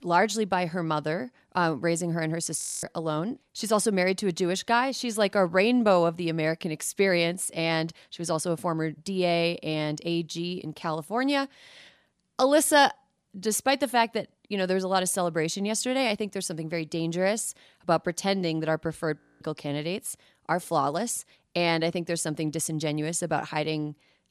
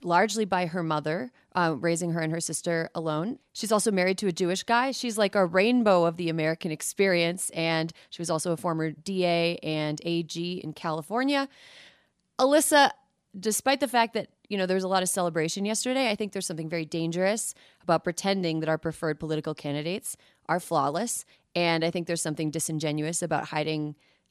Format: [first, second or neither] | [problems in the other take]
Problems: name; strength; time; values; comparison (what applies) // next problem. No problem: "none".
second | audio freezing; at 2.5 s and at 19 s